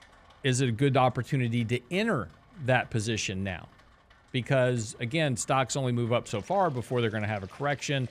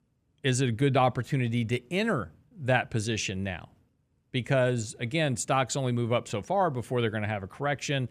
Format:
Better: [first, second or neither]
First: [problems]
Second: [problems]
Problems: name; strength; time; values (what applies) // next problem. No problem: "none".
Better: second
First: rain or running water; faint; throughout; 30 dB below the speech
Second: none